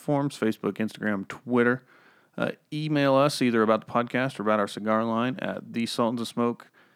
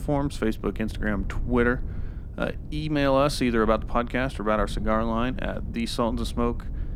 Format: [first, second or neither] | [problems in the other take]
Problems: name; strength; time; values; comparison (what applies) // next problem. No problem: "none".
first | low rumble; faint; throughout; 25 dB below the speech